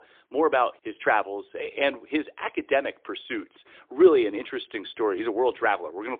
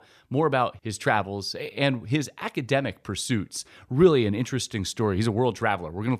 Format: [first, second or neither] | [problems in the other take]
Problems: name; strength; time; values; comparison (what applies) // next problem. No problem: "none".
second | phone-call audio; poor line